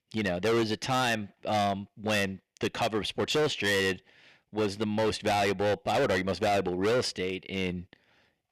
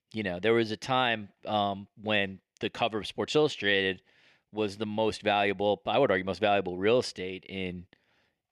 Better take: second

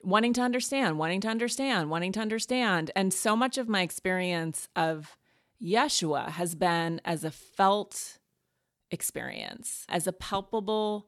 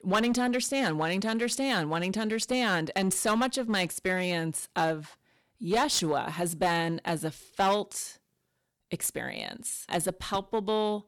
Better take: first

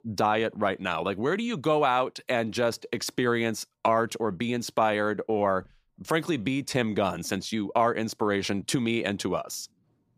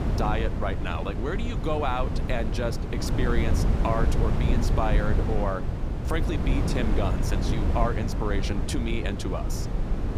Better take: first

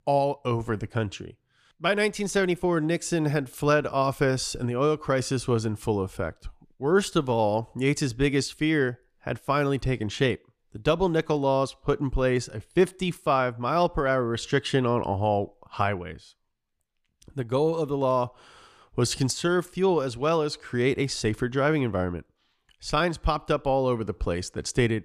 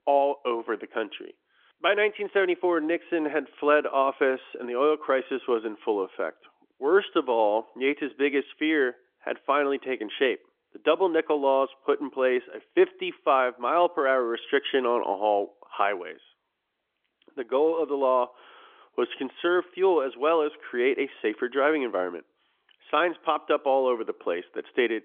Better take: first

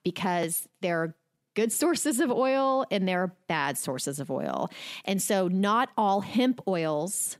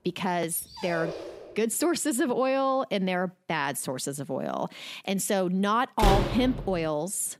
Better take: first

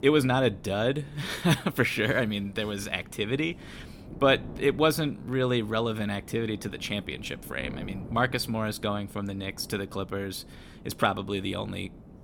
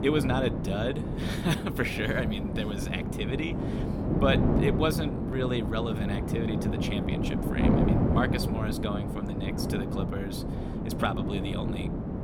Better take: first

